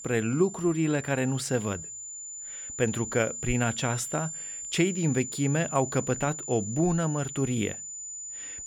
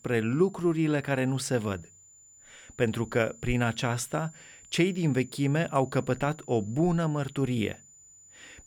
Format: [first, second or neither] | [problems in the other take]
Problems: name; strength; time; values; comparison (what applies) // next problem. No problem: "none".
second | high-pitched whine; loud; throughout; 7 kHz, 8 dB below the speech; faint in the second